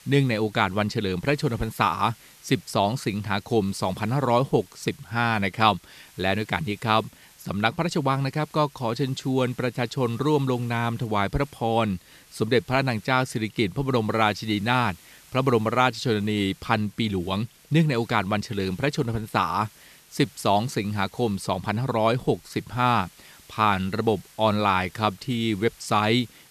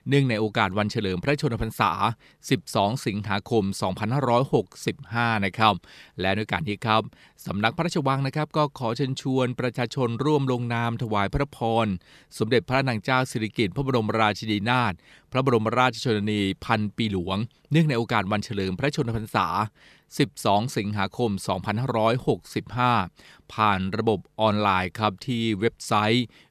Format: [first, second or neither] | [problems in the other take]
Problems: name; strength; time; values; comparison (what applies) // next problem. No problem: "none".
second | hiss; faint; throughout; 25 dB below the speech